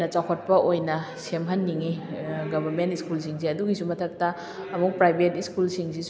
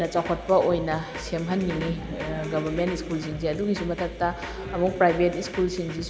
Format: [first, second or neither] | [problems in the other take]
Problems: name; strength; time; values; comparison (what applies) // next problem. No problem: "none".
first | background sound (Drum kit); 12 dB below the speech